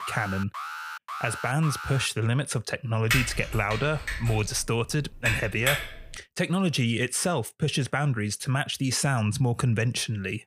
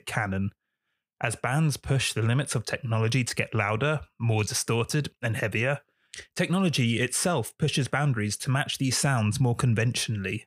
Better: second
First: alarm; noticeable; until 2 s; peak 8 dB below the speech // keyboard typing; loud; from 3 to 6 s; peak 1 dB above the speech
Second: none

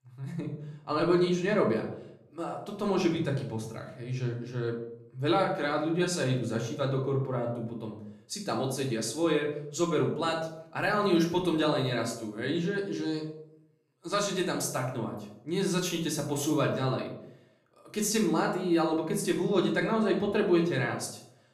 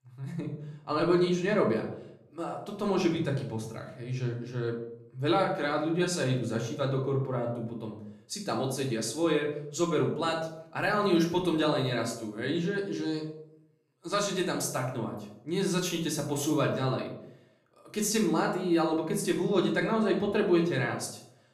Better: neither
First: room echo; slight; dies away in 0.6 s // off-mic speech; somewhat distant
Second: room echo; slight; dies away in 0.6 s // off-mic speech; somewhat distant

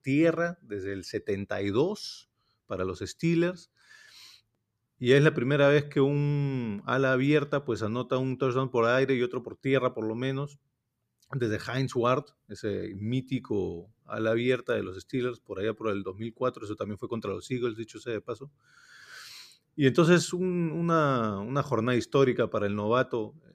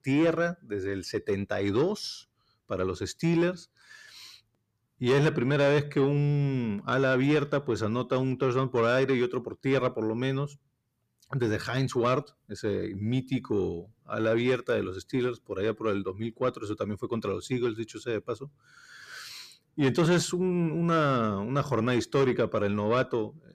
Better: first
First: none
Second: distortion; slight; 10 dB below the speech

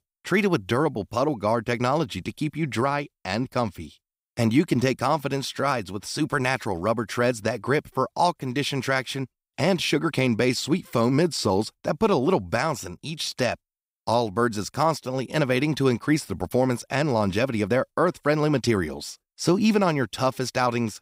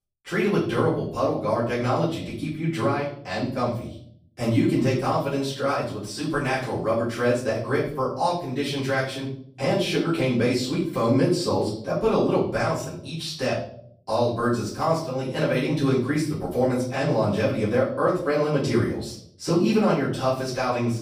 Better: first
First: none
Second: off-mic speech; far // room echo; noticeable; dies away in 0.5 s

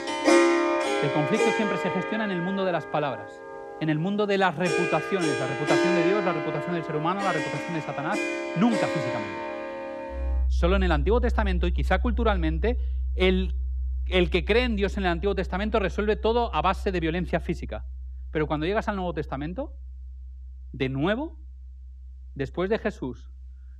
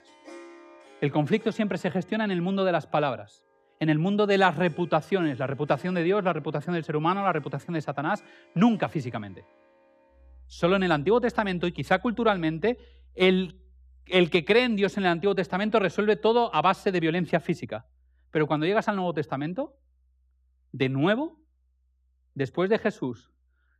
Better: second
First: background music; loud; throughout; 2 dB below the speech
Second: background music; faint; throughout; 30 dB below the speech

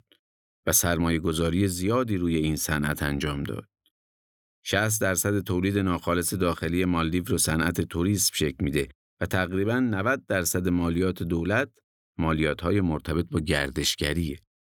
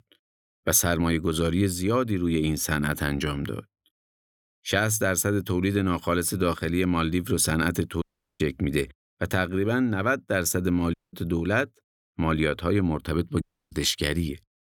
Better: first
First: none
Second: audio cutting out; at 8 s, at 11 s and at 13 s

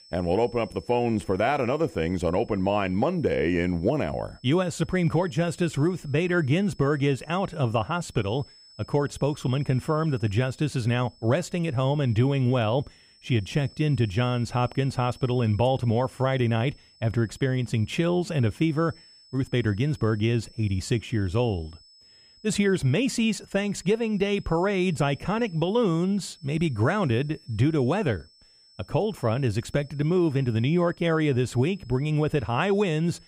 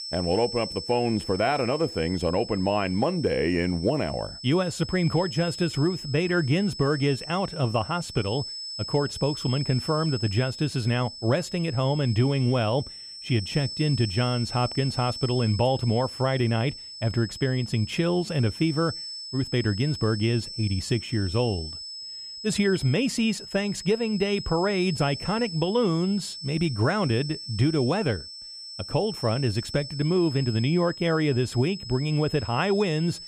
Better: first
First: high-pitched whine; faint; throughout; 5.5 kHz, 25 dB below the speech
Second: high-pitched whine; loud; throughout; 5.5 kHz, 10 dB below the speech

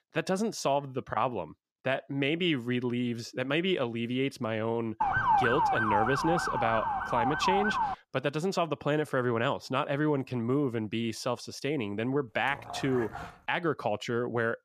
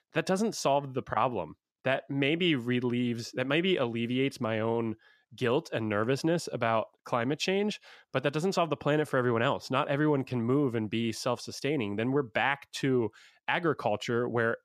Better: second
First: siren; loud; from 5 to 8 s; peak 5 dB above the speech // dog barking; noticeable; at 12 s; peak 9 dB below the speech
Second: none

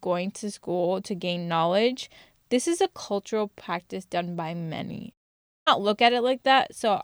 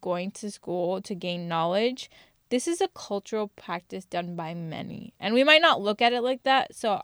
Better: second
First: audio cutting out; at 5 s for 0.5 s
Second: none

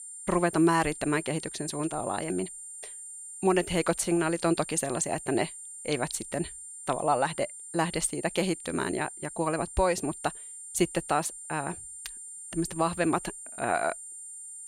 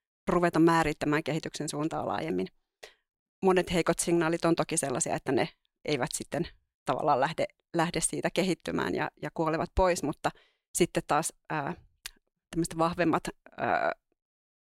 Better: second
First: high-pitched whine; noticeable; throughout; 9 kHz, 10 dB below the speech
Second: none

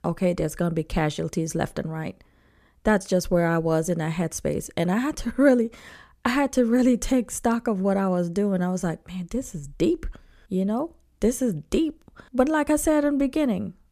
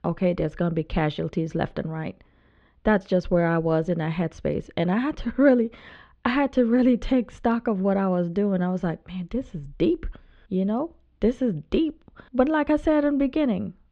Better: first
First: none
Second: muffled; slightly; fading above 3.5 kHz

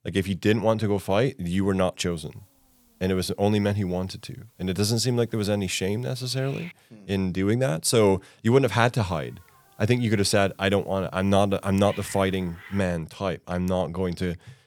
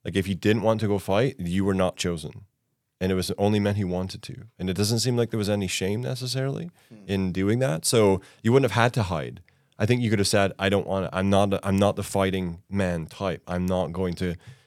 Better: second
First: hiss; faint; from 2 to 6.5 s and from 9 to 13 s; 25 dB below the speech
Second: none

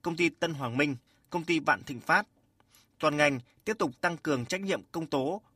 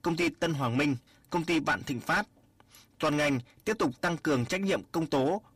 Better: first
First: none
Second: distortion; heavy; 6 dB below the speech

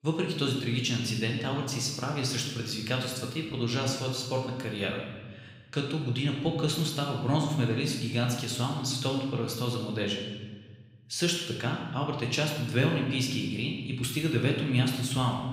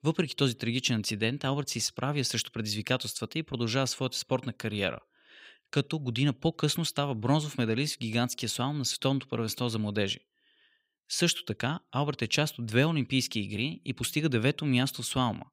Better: second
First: room echo; noticeable; dies away in 1.2 s // off-mic speech; somewhat distant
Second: none

